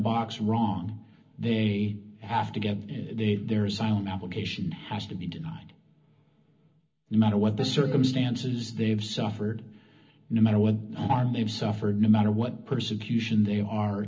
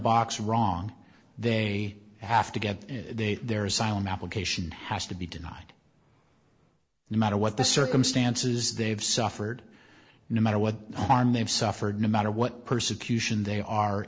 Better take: second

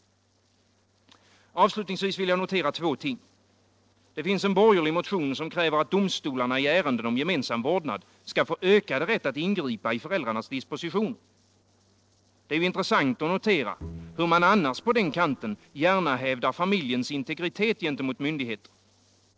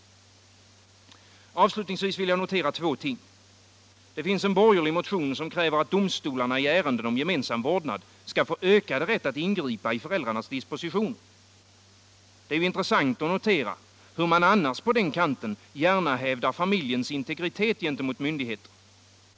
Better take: second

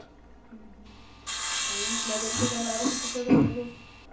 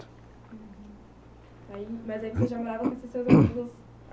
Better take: second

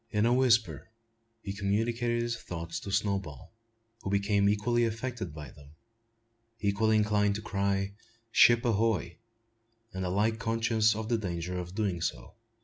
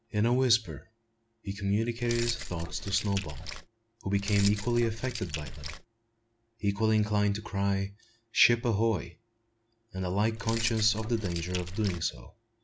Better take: first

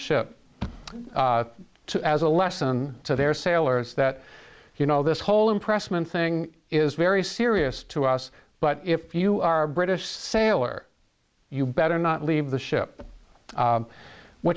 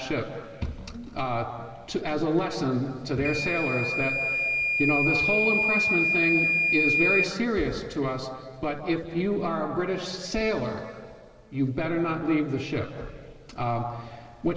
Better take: first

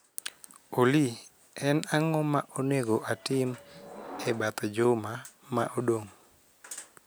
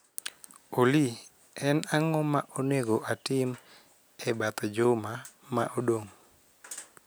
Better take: second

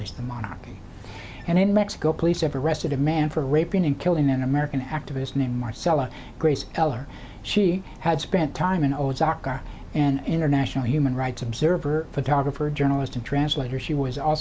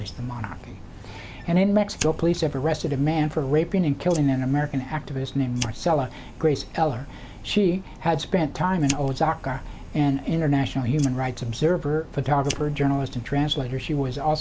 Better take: first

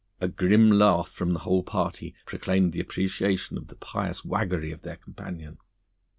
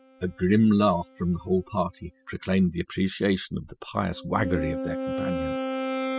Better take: first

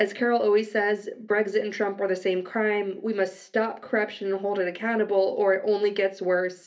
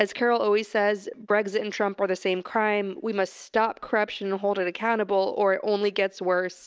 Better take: second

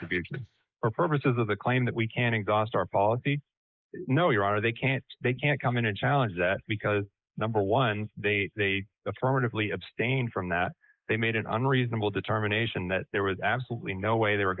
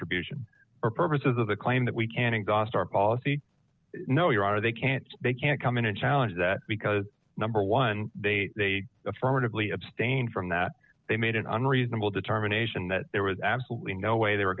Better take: second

